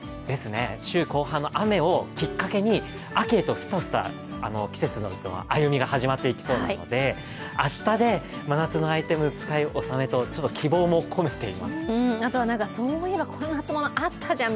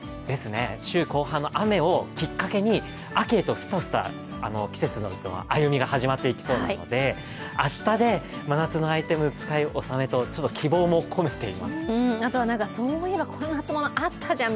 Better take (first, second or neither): second